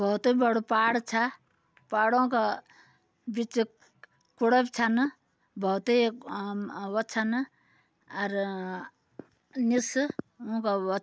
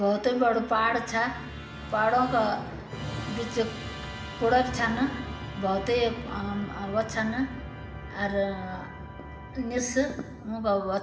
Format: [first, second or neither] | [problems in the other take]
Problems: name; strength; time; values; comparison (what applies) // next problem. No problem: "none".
first | background sound (Musical instrument); 10 dB below the speech // room echo; dies away in 0.9 s